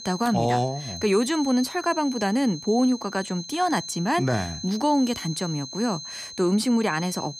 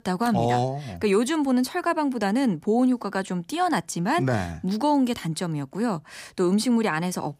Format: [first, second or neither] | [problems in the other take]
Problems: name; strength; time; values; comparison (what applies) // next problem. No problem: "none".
second | high-pitched whine; noticeable; throughout; 4 kHz, 10 dB below the speech